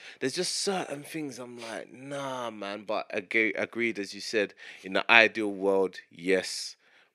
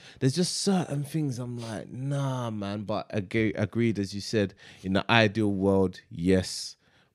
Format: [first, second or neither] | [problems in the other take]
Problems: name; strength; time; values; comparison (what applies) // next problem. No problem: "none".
second | thin; somewhat; fading below 400 Hz